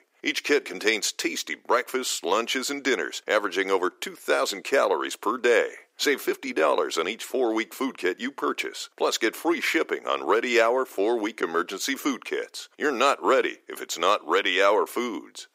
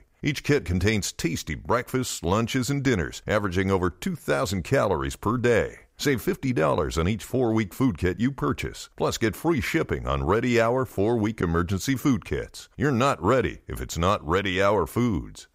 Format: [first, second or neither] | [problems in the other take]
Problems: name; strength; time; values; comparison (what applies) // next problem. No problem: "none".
second | thin; somewhat; fading below 300 Hz